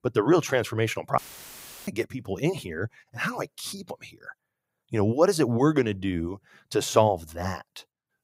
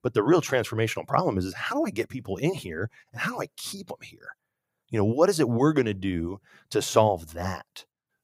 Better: second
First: audio cutting out; filled with static; at 1 s for 0.5 s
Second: none

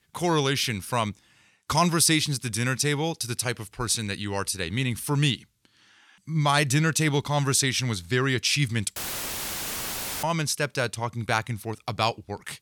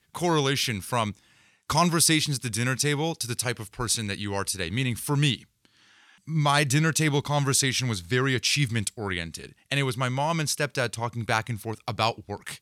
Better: second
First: audio cutting out; filled with static; at 9 s for 1.5 s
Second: none

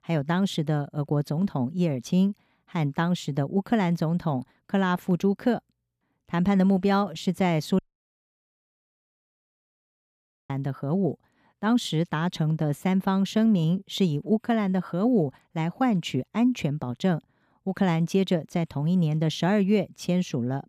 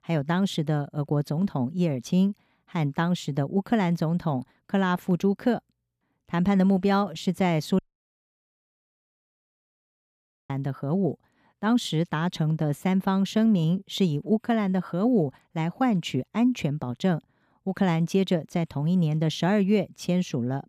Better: neither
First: audio cutting out; at 8 s for 2.5 s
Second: audio cutting out; at 8 s for 2.5 s

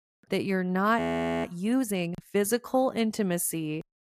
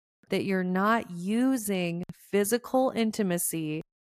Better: second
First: audio freezing; at 1 s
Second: none

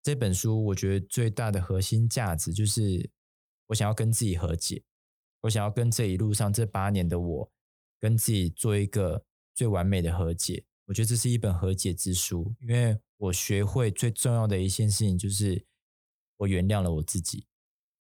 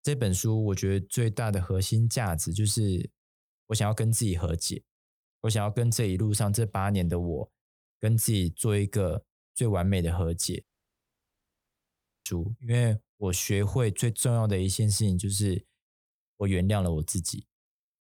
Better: first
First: none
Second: audio cutting out; at 11 s for 1.5 s

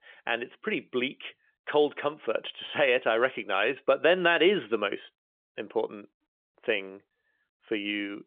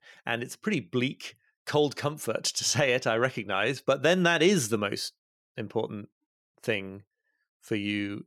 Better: second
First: phone-call audio; nothing above 3.5 kHz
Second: none

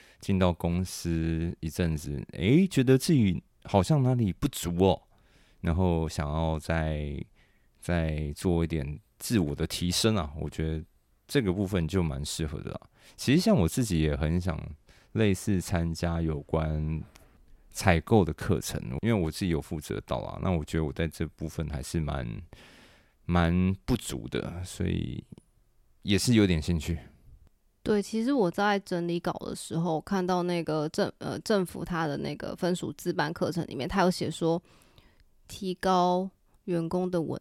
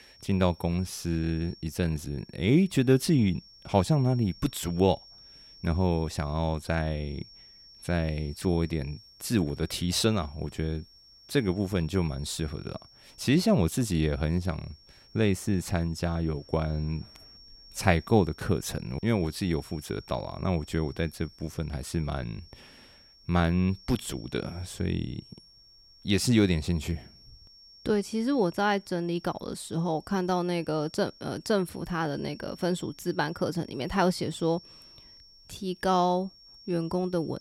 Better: first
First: none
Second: high-pitched whine; faint; throughout; 5.5 kHz, 25 dB below the speech

